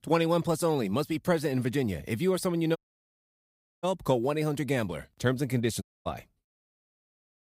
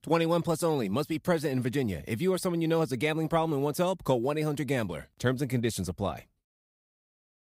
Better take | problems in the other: second | audio cutting out; at 3 s for 1 s and at 6 s

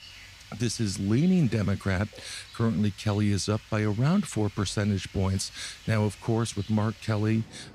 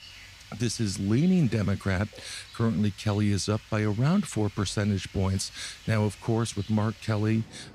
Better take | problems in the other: neither | rain or running water; noticeable; throughout; 20 dB below the speech; the same in both

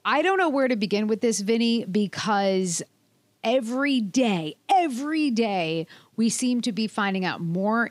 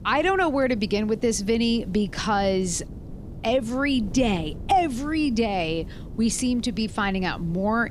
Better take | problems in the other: first | wind noise on the microphone; occasional gusts; 20 dB below the speech

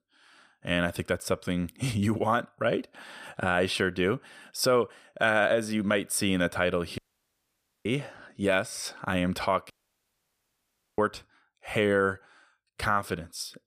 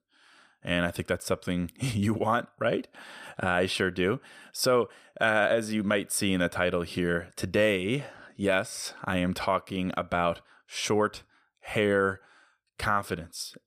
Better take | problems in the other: second | audio cutting out; at 7 s for 1 s and at 9.5 s for 1.5 s

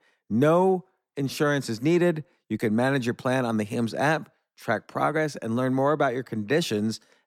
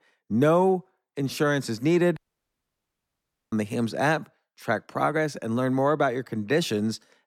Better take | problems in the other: first | audio cutting out; at 2 s for 1.5 s

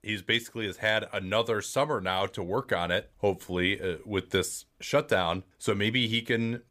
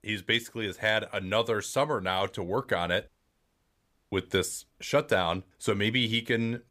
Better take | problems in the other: first | audio cutting out; at 3 s for 1 s

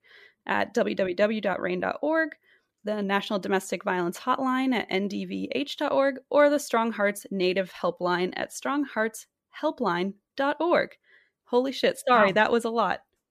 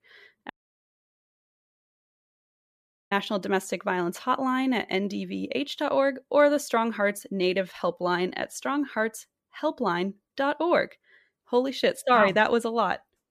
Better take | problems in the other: first | audio cutting out; at 0.5 s for 2.5 s

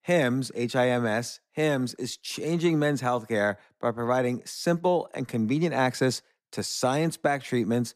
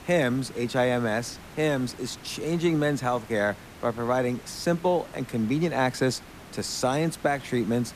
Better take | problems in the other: first | hiss; noticeable; throughout; 20 dB below the speech

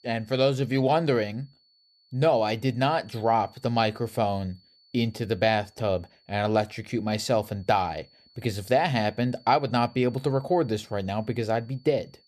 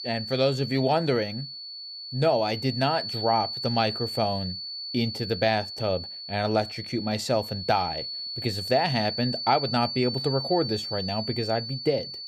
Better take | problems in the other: first | high-pitched whine; loud; throughout; 4.5 kHz, 6 dB below the speech; faint in the first

